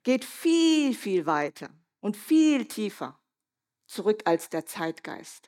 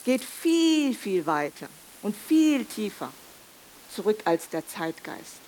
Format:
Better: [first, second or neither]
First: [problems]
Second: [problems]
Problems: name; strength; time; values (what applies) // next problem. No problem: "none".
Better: first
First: none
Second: hiss; faint; throughout; 20 dB below the speech